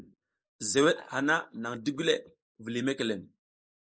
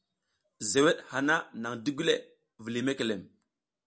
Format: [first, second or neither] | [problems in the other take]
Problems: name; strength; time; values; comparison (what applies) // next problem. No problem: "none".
second | noise reduction (neural mask model Resemble Enhance denoiser)